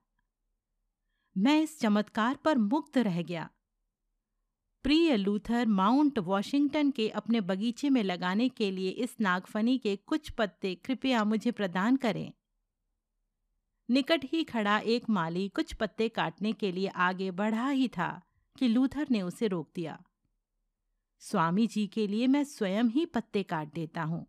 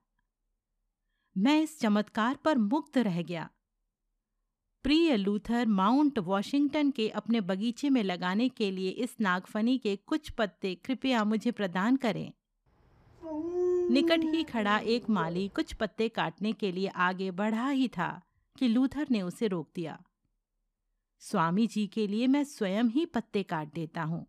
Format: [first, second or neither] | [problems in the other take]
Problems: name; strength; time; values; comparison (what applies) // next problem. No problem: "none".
first | dog barking; loud; from 13 to 15 s; peak 1 dB above the speech